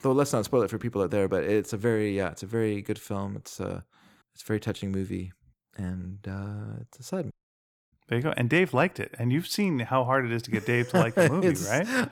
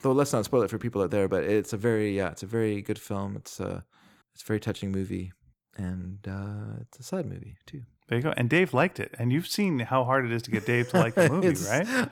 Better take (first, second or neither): second